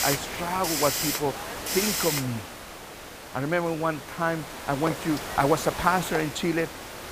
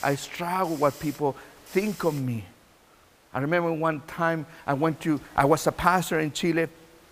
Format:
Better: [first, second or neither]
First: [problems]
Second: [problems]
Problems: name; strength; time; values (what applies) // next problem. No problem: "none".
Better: second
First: hiss; loud; throughout; 4 dB below the speech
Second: hiss; faint; throughout; 20 dB below the speech